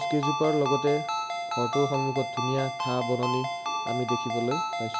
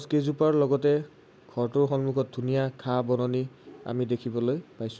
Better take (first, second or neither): second